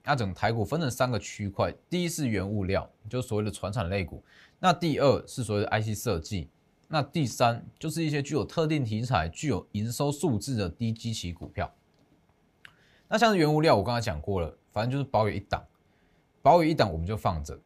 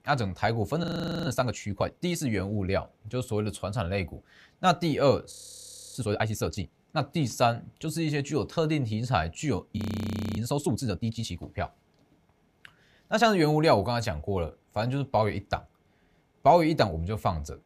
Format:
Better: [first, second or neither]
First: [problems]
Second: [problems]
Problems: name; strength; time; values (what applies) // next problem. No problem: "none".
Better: first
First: none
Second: audio freezing; at 1 s, at 5.5 s for 0.5 s and at 10 s for 0.5 s